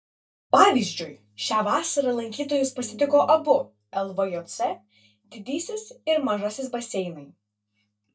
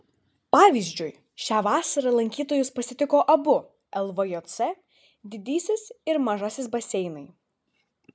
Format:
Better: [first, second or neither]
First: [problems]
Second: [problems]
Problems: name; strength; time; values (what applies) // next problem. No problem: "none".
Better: second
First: noise reduction (neural mask model DeepFilterNet 3)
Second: none